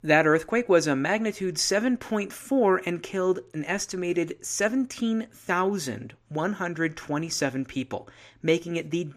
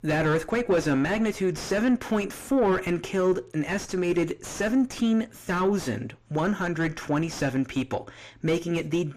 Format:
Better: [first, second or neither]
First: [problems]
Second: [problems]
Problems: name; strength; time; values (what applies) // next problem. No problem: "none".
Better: first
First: none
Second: distortion; heavy; 4 dB below the speech